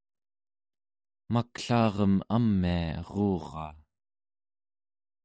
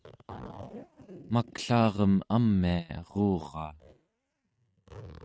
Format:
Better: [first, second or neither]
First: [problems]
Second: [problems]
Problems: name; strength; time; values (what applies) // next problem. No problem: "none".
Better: first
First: none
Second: noise reduction (neural mask model RNNoise)